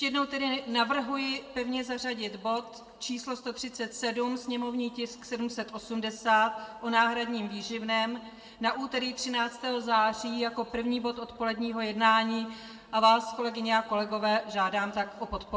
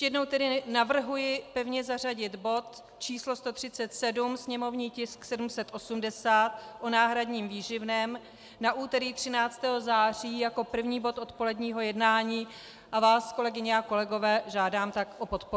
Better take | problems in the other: second | room echo; dies away in 1.5 s

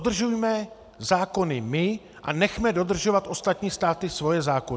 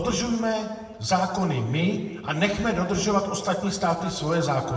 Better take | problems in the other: first | room echo; dies away in 1.2 s

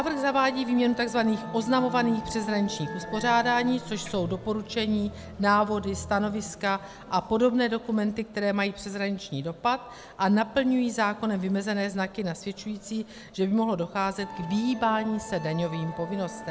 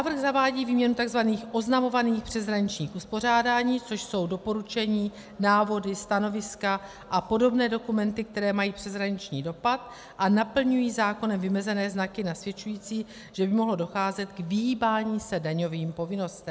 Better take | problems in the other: second | background sound (Musical instrument); 15 dB below the speech

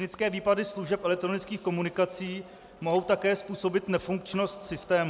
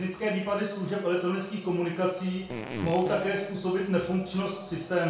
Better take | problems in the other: first | background sound (Fart); 11 dB below the speech // room echo; dies away in 0.5 s

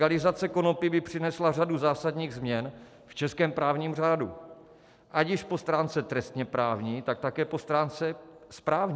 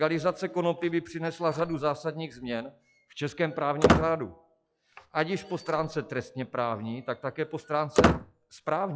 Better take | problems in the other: first | noise reduction (classical method log-MMSE)

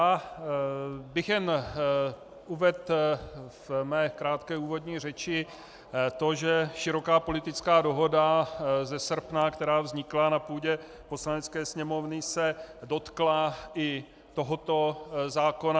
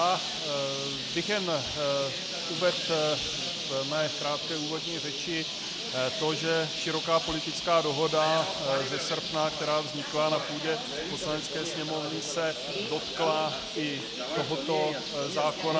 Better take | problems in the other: first | background sound (Bird); 3 dB below the speech

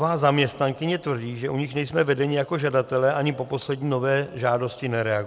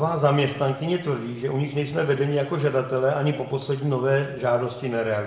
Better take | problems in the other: first | room echo; dies away in 0.8 s

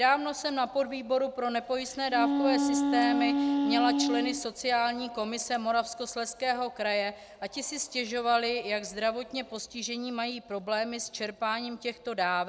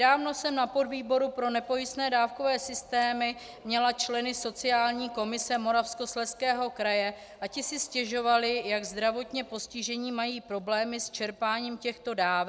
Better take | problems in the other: second | background sound (Wind instrument, woodwind instrument); 2 dB above the speech

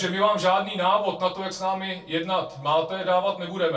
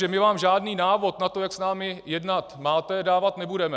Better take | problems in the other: second | room echo; dies away in 0.2 s

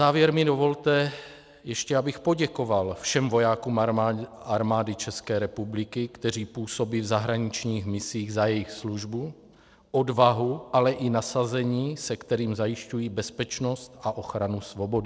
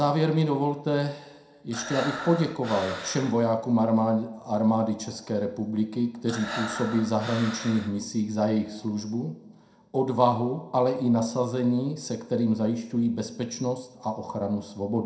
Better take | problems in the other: first | background sound (Breathing); 10 dB below the speech // room echo; dies away in 0.4 s

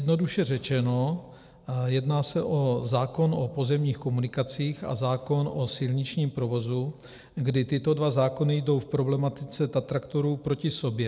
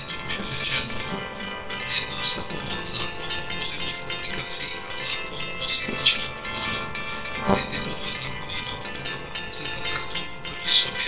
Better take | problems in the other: first | noise reduction (neural separator model SepFormer WHAMR!)

